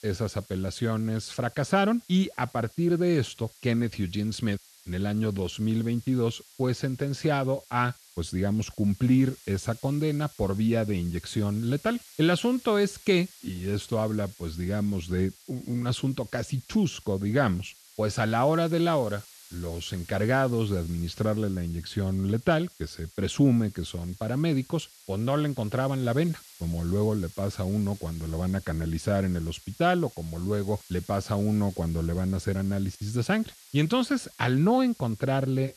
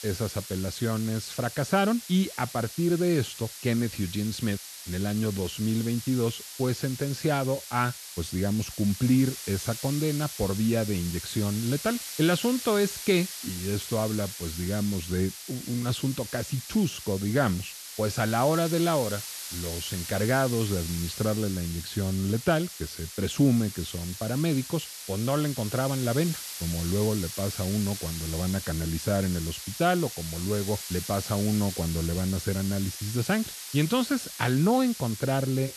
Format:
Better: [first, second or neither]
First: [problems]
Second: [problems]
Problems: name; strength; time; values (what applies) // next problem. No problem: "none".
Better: first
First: hiss; faint; throughout; 20 dB below the speech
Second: hiss; loud; throughout; 9 dB below the speech